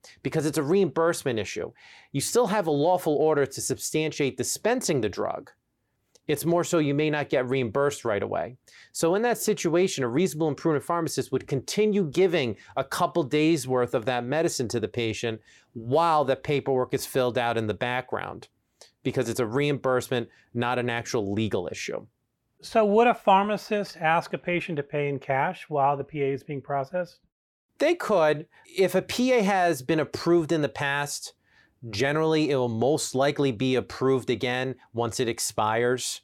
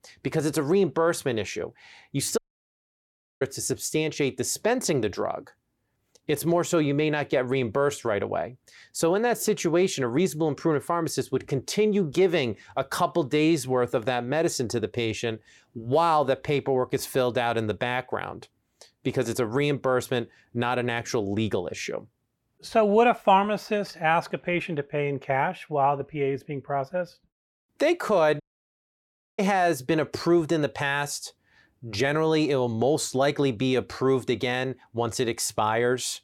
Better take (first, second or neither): first